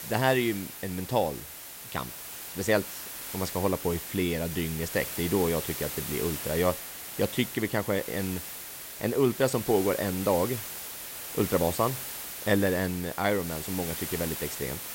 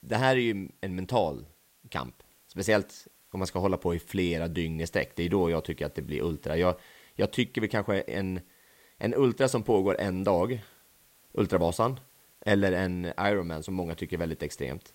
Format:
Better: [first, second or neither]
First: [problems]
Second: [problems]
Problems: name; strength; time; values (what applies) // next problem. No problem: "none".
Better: second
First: hiss; loud; throughout; 7 dB below the speech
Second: hiss; faint; throughout; 30 dB below the speech